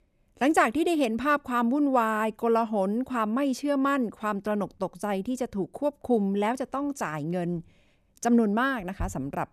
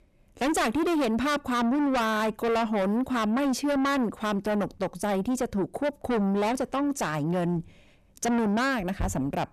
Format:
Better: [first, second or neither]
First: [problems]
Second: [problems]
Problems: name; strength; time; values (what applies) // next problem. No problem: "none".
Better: first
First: none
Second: distortion; heavy; 6 dB below the speech